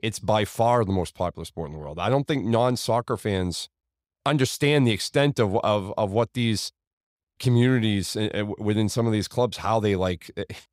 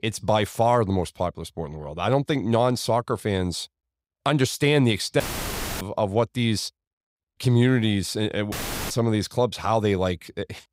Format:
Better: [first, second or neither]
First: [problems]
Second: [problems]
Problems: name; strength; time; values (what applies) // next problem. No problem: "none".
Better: first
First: none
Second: audio cutting out; filled with static; at 5 s for 0.5 s and at 8.5 s